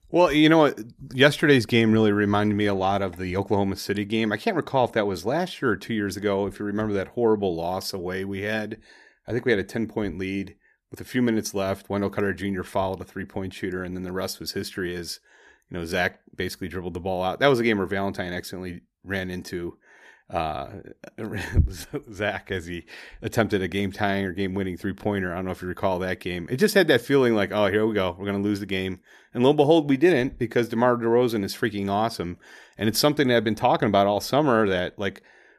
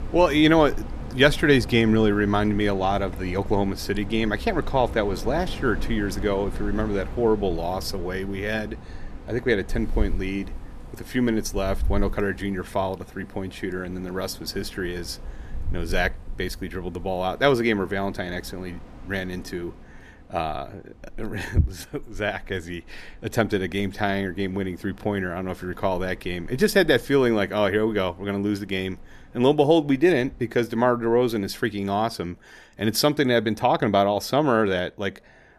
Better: first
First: none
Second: wind in the background; noticeable; throughout; 15 dB below the speech

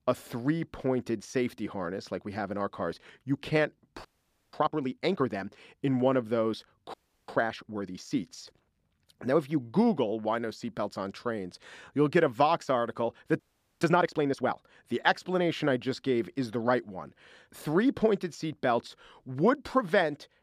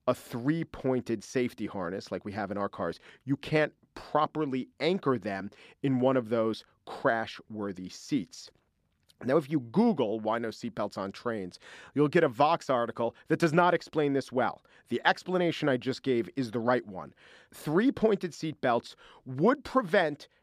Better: second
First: audio freezing; at 4 s, at 7 s and at 13 s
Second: none

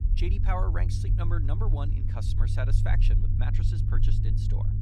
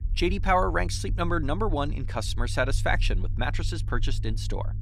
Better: second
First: low rumble; loud; throughout; 3 dB below the speech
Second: low rumble; faint; throughout; 20 dB below the speech

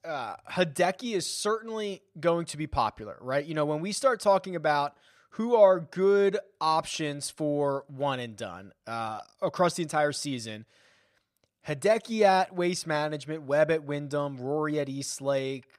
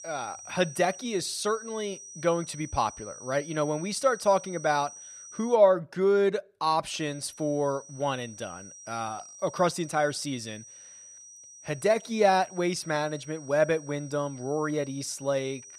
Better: first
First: none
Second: high-pitched whine; noticeable; until 5.5 s and from 7 s on; 6 kHz, 15 dB below the speech

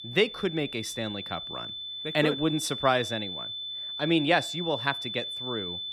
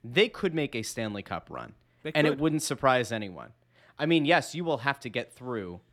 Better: second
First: high-pitched whine; loud; throughout; 3.5 kHz, 5 dB below the speech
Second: none

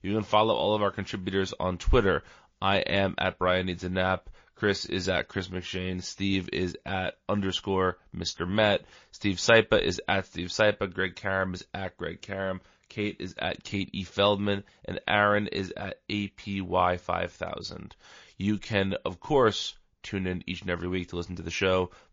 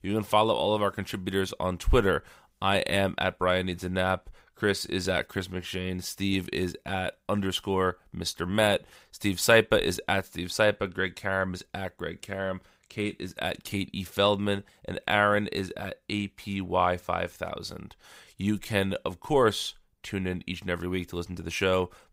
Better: second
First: garbled, watery; slightly; nothing above 6 kHz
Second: none

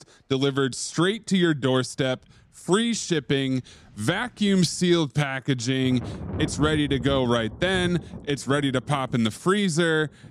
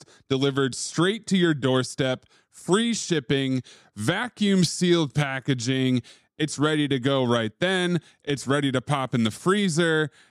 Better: second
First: rain or running water; noticeable; throughout; 15 dB below the speech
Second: none

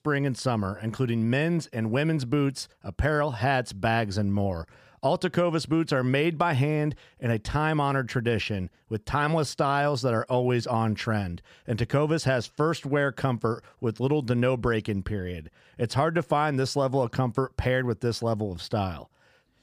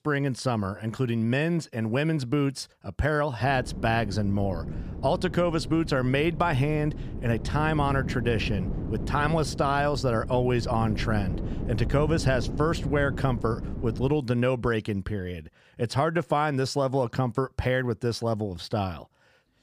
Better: first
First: none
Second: wind noise on the microphone; occasional gusts; from 3.5 to 14 s; 15 dB below the speech

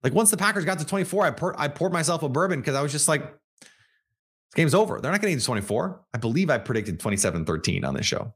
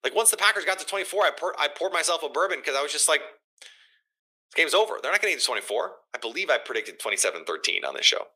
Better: first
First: none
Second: thin; very; fading below 400 Hz

